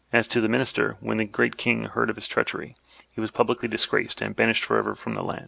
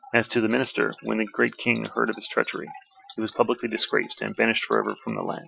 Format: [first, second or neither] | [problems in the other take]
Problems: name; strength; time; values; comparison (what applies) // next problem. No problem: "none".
first | noise reduction (classical method Wiener filter)